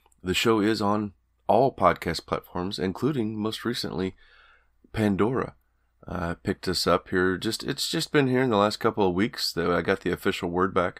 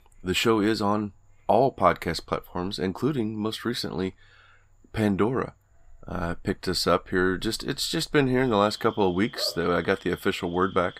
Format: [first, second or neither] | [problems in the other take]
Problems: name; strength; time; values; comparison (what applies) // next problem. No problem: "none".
first | animal sounds; faint; throughout; 20 dB below the speech